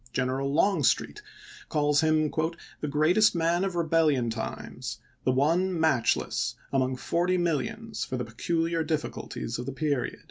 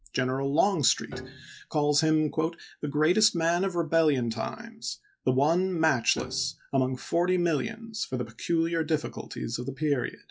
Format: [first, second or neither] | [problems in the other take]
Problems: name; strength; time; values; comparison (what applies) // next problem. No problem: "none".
first | noise reduction (classical method log-MMSE)